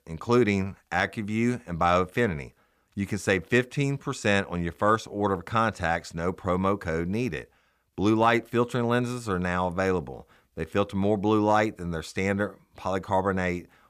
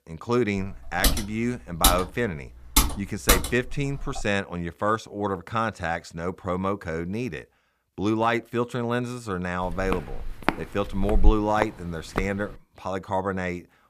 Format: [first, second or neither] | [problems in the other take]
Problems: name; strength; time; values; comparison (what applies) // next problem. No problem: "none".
first | keyboard typing; loud; from 0.5 to 4.5 s; peak 6 dB above the speech // footsteps; loud; from 9.5 to 12 s; peak 2 dB above the speech